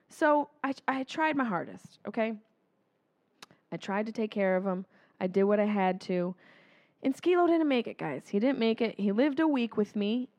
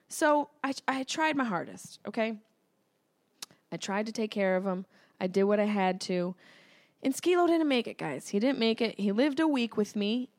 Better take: second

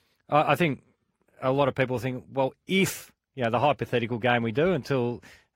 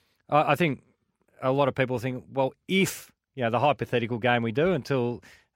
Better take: second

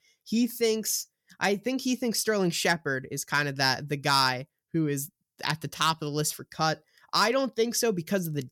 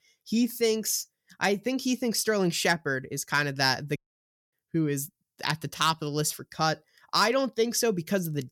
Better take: first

